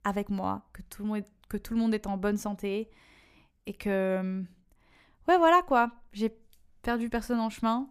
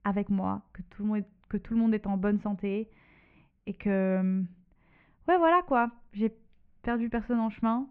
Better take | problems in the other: first | muffled; very; fading above 2.5 kHz

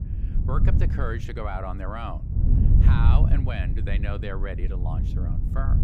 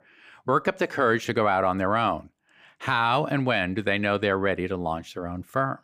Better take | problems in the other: second | wind noise on the microphone; heavy; 5 dB below the speech

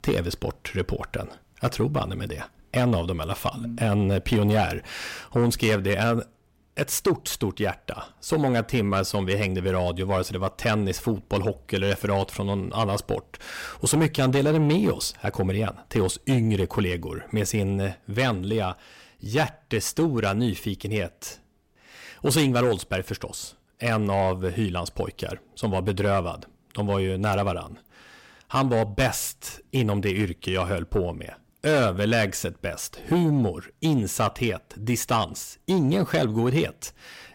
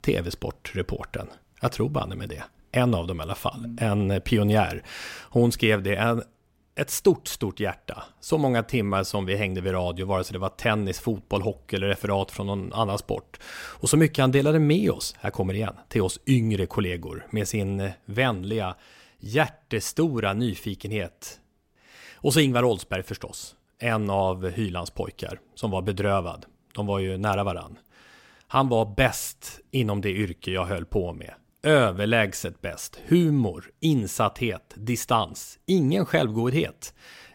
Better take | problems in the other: second | distortion; slight; 10 dB below the speech

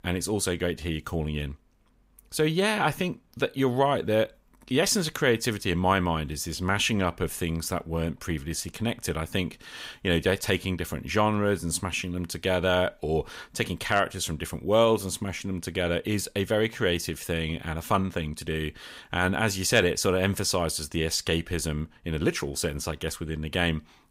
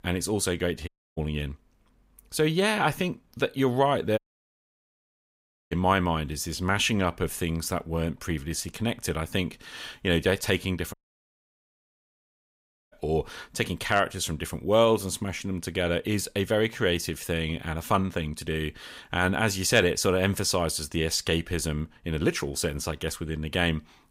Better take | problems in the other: first | audio cutting out; at 1 s, at 4 s for 1.5 s and at 11 s for 2 s

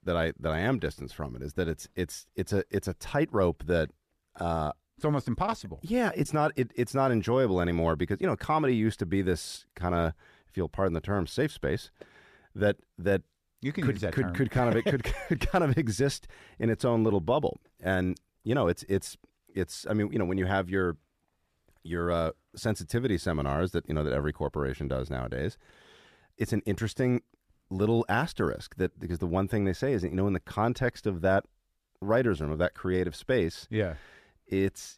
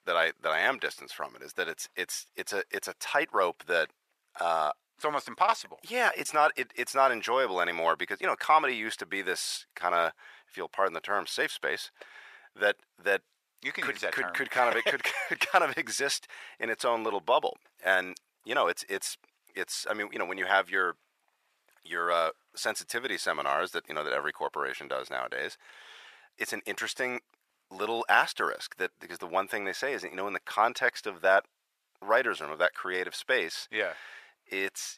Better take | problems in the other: first | thin; very; fading below 900 Hz

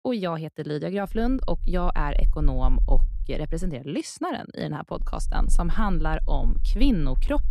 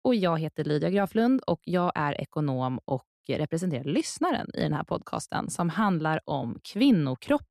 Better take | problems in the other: second | low rumble; faint; from 1 to 3.5 s and from 5 s on; 25 dB below the speech

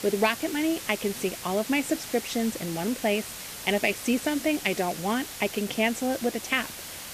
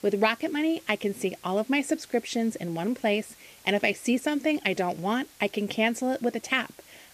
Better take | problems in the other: second | hiss; loud; throughout; 9 dB below the speech; faint in the second

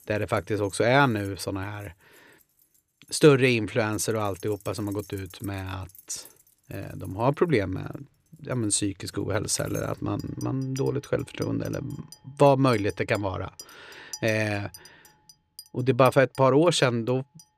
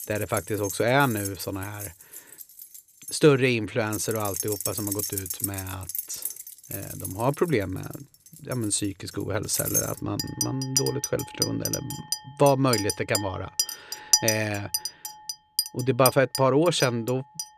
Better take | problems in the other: first | household noises; loud; throughout; 3 dB below the speech; faint in the first

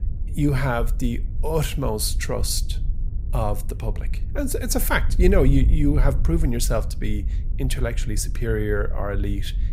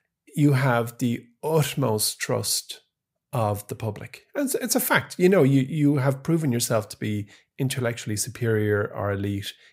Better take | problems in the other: second | wind noise on the microphone; occasional gusts; 20 dB below the speech

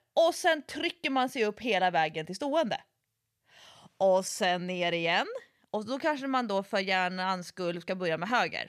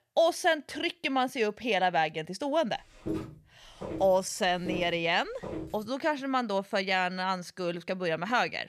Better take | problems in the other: first | footsteps; noticeable; from 3 to 5.5 s; peak 7 dB below the speech

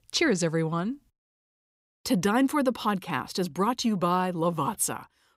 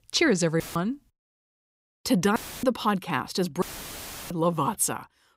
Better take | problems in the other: first | audio cutting out; filled with static; at 0.5 s, at 2.5 s and at 3.5 s for 0.5 s

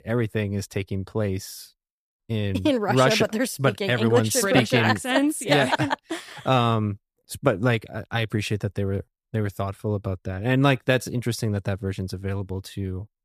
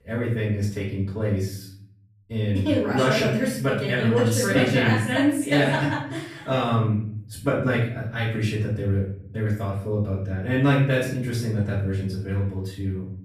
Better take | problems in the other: first | room echo; noticeable; dies away in 0.8 s // off-mic speech; far

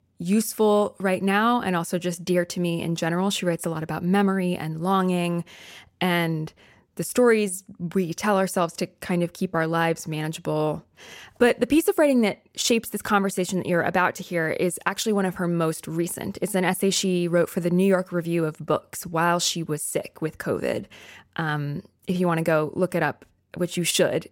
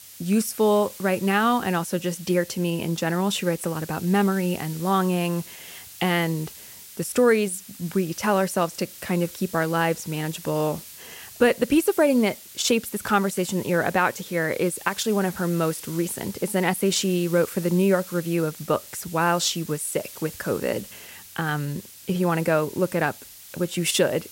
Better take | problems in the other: first | hiss; noticeable; throughout; 15 dB below the speech

